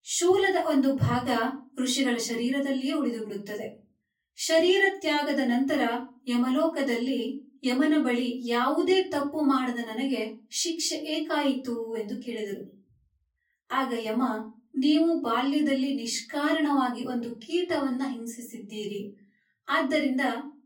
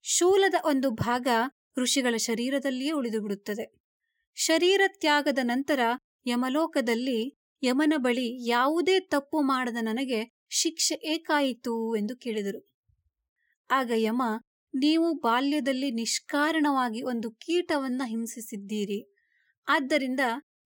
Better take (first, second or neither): second